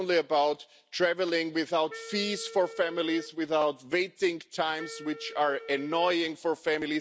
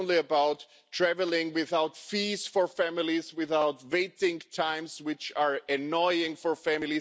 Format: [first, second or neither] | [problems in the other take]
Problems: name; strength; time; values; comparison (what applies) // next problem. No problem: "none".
second | background sound (Wind instrument, woodwind instrument); 17 dB below the speech